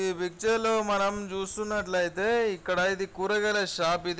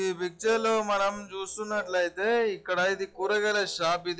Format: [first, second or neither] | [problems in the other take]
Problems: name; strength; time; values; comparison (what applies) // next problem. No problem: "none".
first | noise reduction (classical method log-MMSE)